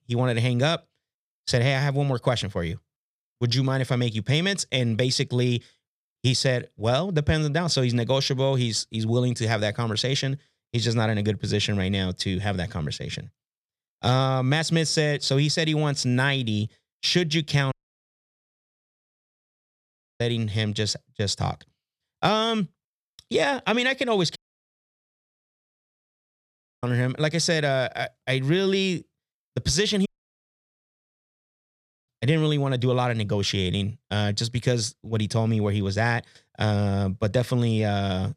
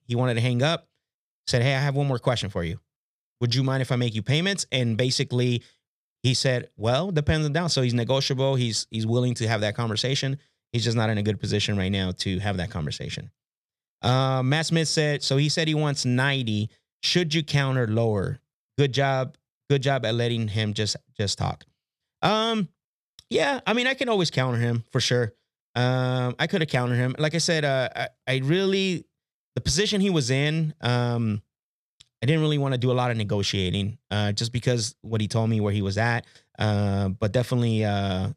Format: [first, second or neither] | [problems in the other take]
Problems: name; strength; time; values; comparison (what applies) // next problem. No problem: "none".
second | audio cutting out; at 18 s for 2.5 s, at 24 s for 2.5 s and at 30 s for 2 s